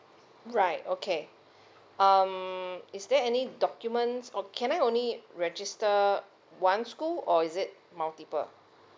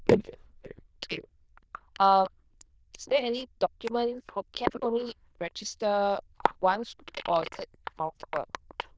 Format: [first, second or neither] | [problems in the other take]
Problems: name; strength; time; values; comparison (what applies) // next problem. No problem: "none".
first | noise reduction (neural diffusion model UNIVERSE++)